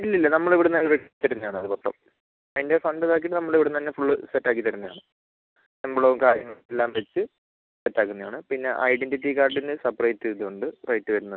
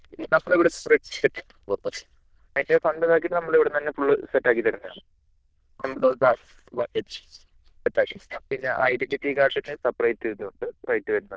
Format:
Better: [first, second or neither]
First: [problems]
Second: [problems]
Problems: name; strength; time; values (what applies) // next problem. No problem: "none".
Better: first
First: none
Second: noise reduction (neural diffusion model UNIVERSE++)